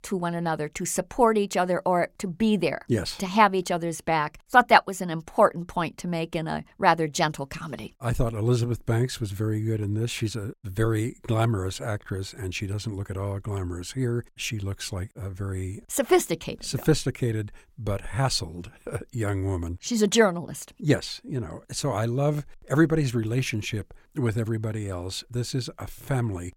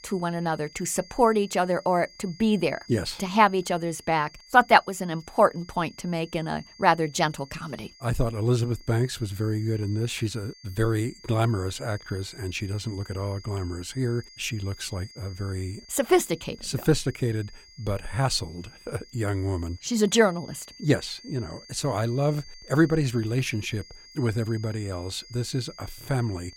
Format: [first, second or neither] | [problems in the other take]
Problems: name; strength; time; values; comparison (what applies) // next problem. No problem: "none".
first | high-pitched whine; faint; throughout; 4.5 kHz, 20 dB below the speech